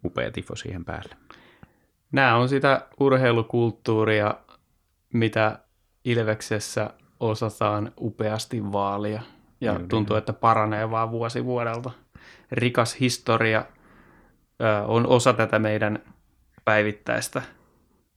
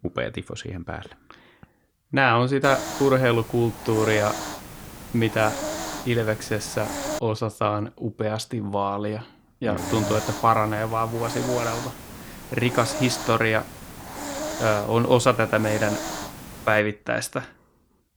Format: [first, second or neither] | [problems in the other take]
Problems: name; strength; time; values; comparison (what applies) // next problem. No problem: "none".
first | hiss; loud; from 2.5 to 7 s and from 10 to 17 s; 9 dB below the speech